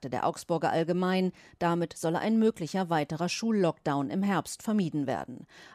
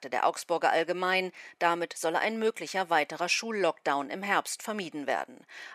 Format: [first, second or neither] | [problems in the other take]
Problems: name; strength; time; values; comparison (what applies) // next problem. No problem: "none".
first | thin; somewhat; fading below 500 Hz